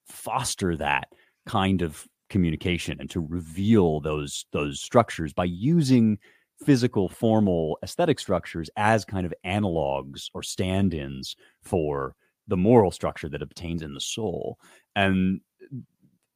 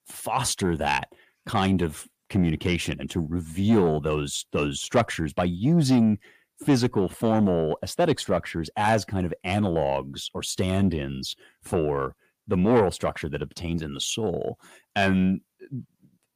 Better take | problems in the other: first | distortion; slight; 10 dB below the speech

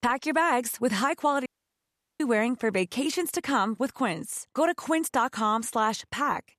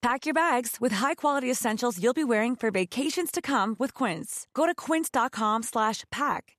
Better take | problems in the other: second | audio cutting out; at 1.5 s for 0.5 s

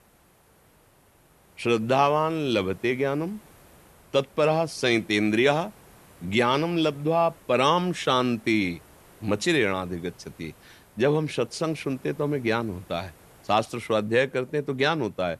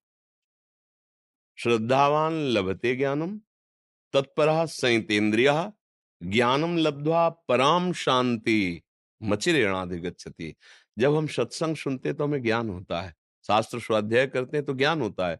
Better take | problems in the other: second | hiss; faint; throughout; 30 dB below the speech

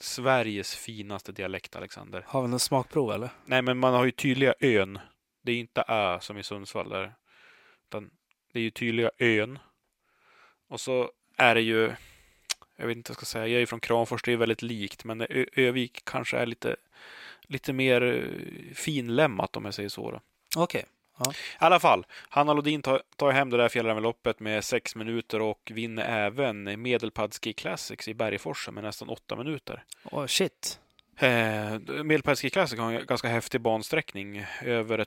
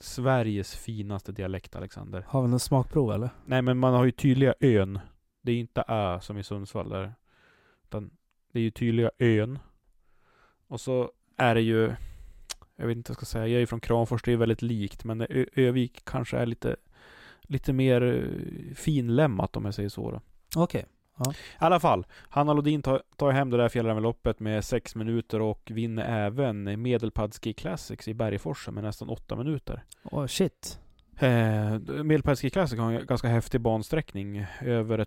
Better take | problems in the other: second | thin; somewhat; fading below 1 kHz

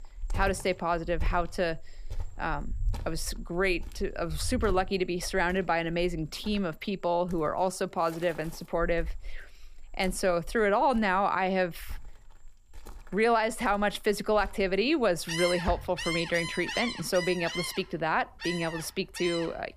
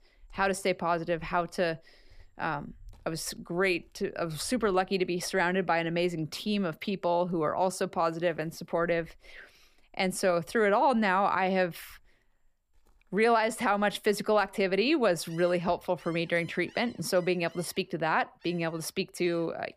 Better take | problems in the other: second | animal sounds; loud; throughout; 9 dB below the speech; faint in the second

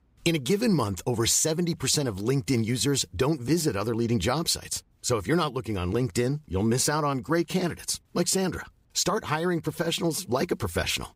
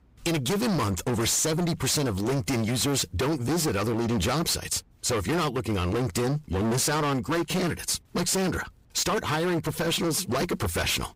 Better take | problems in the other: first | distortion; heavy; 31% of the sound clipped

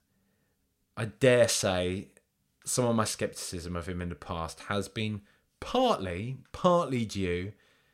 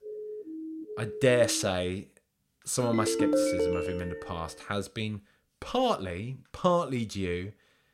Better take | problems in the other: first | siren; noticeable; until 1.5 s; peak 9 dB below the speech // phone ringing; loud; from 3 to 4 s; peak 4 dB above the speech

